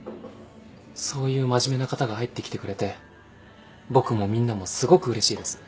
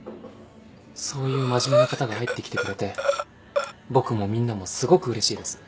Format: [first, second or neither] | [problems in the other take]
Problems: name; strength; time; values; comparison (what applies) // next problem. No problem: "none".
first | background sound (Breathing); 1 dB below the speech